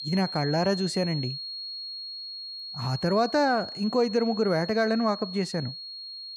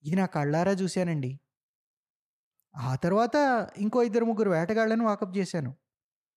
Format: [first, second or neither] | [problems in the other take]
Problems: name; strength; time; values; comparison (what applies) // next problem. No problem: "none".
second | high-pitched whine; loud; throughout; 4.5 kHz, 9 dB below the speech